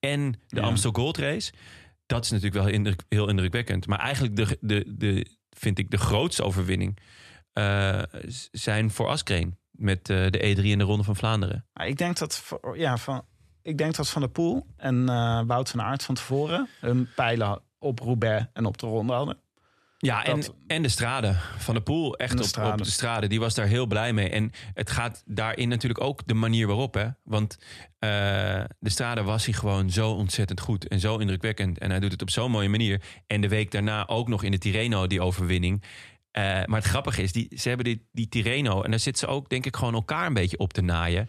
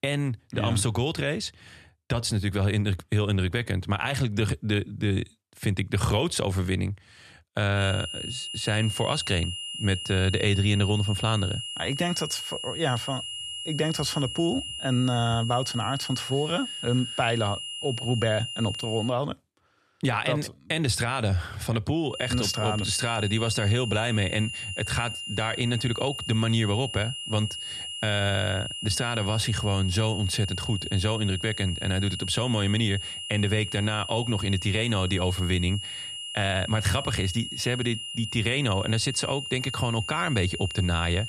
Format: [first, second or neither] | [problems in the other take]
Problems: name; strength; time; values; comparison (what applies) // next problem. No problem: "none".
first | high-pitched whine; loud; from 8 to 19 s and from 22 s on; 3 kHz, 6 dB below the speech